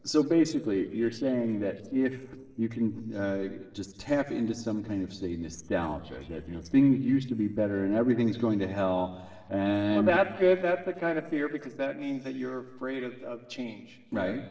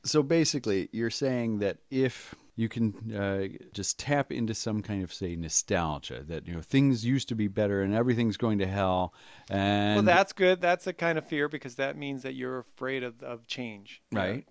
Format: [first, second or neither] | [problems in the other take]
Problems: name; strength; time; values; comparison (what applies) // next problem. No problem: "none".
second | noise reduction (neural separator model SepFormer DNS4)